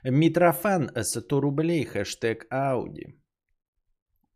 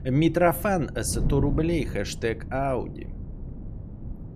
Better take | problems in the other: first | wind noise on the microphone; occasional gusts; 20 dB below the speech

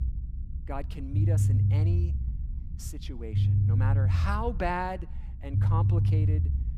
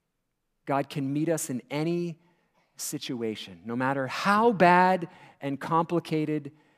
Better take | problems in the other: second | low rumble; loud; throughout; 4 dB below the speech

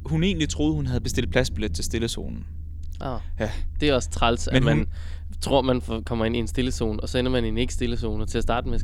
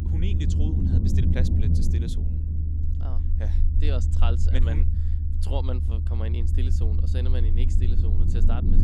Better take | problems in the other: first | low rumble; loud; throughout; 1 dB below the speech; faint in the first

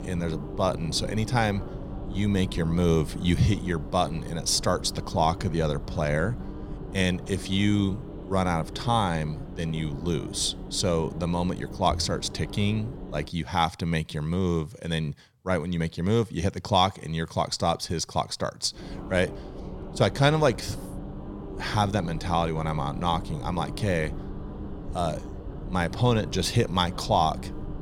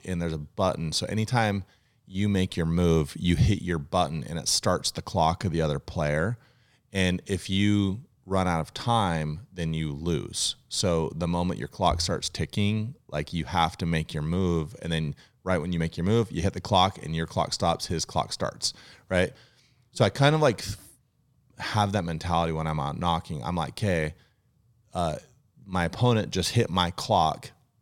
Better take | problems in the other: second | low rumble; noticeable; until 13 s and from 19 s on; 15 dB below the speech

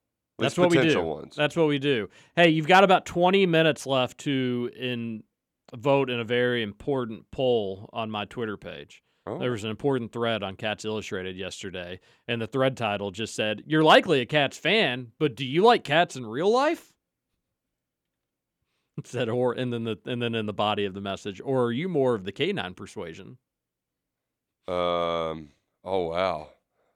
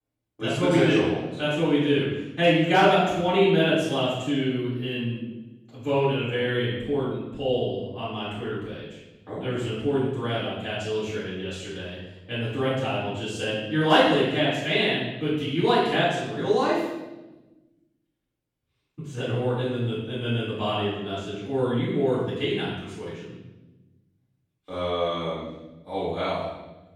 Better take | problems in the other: first | off-mic speech; far // room echo; strong; dies away in 1 s

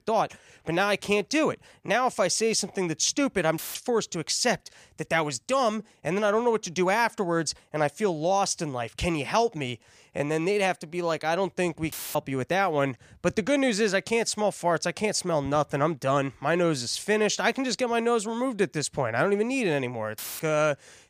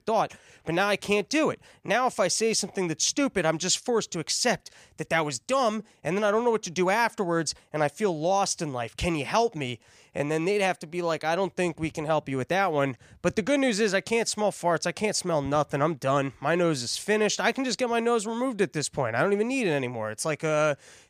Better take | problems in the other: second | audio cutting out; filled with static; at 3.5 s, at 12 s and at 20 s

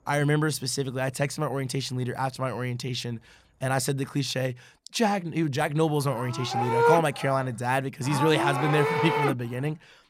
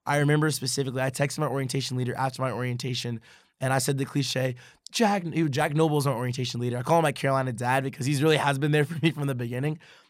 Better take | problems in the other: second | animal sounds; very faint; throughout; as loud as the speech

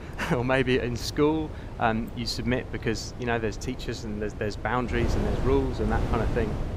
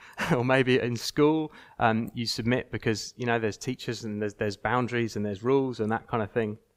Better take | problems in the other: second | wind noise on the microphone; occasional gusts; 10 dB below the speech

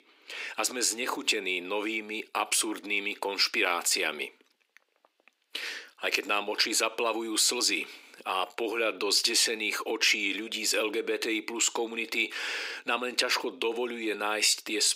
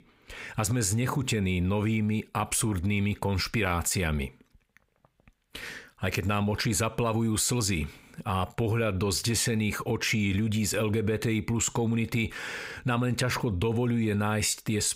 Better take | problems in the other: second | thin; very; fading below 300 Hz

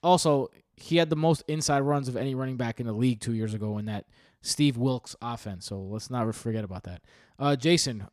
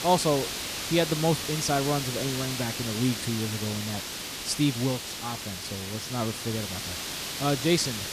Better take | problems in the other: first | hiss; loud; throughout; 3 dB below the speech

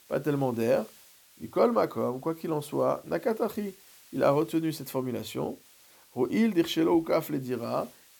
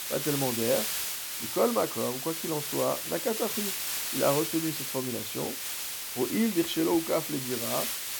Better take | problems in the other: first | hiss; loud; throughout; 1 dB below the speech; faint in the first

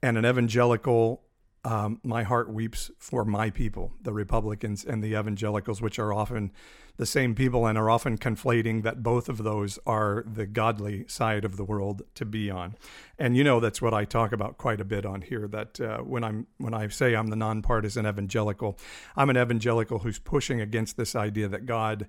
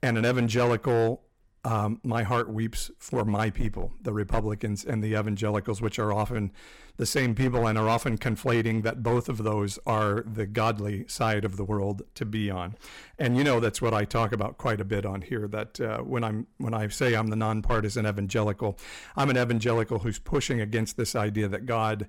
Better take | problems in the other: first | distortion; slight; 6% of the sound clipped

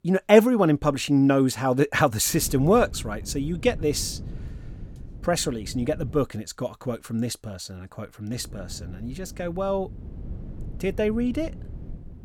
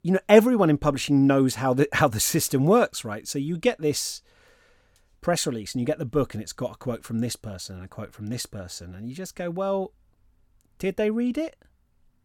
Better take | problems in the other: second | low rumble; faint; from 2.5 to 6 s and from 8.5 s on; 25 dB below the speech

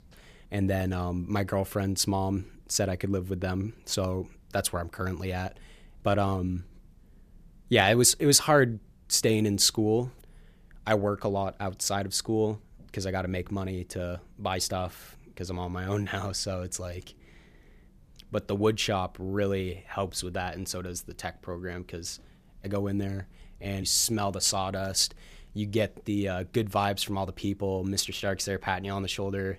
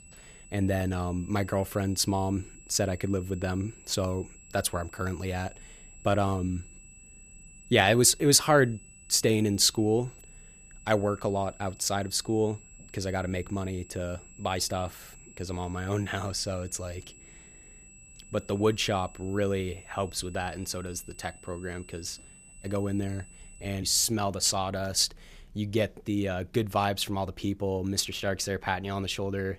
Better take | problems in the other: first | high-pitched whine; faint; until 24 s; 7.5 kHz, 20 dB below the speech

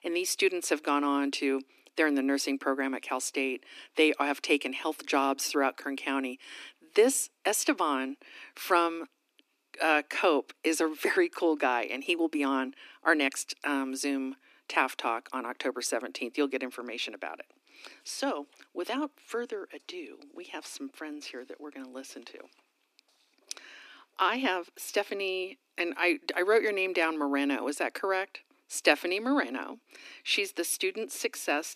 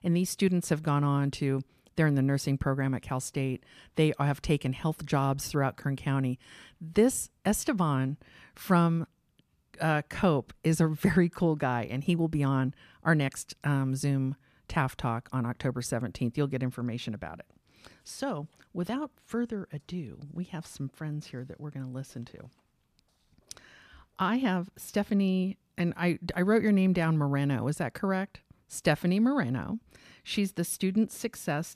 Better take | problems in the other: second | thin; somewhat; fading below 300 Hz

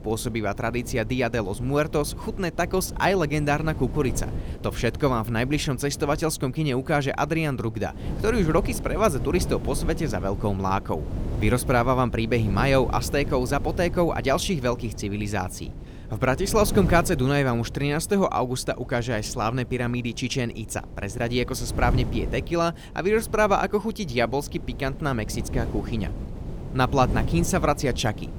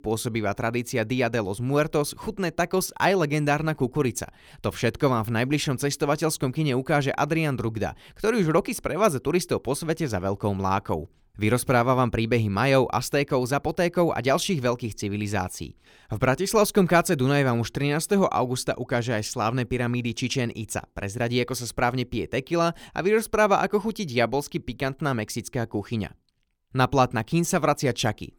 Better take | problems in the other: second | wind noise on the microphone; occasional gusts; 15 dB below the speech

